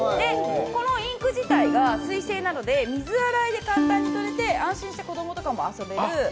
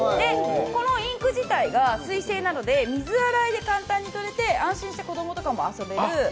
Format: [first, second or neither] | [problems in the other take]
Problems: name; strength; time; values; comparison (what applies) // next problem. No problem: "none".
second | background sound (Acoustic guitar); 1 dB below the speech